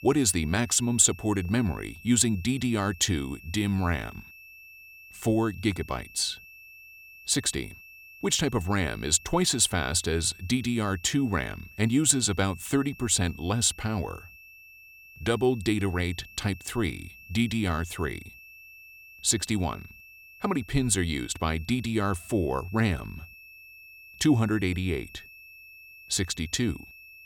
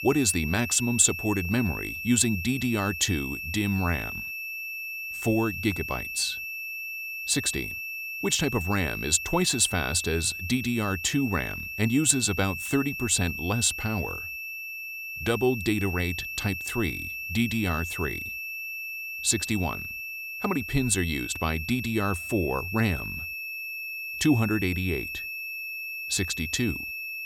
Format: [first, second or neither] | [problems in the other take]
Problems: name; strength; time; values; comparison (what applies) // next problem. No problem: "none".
first | high-pitched whine; loud; throughout; 2.5 kHz, 6 dB below the speech; faint in the first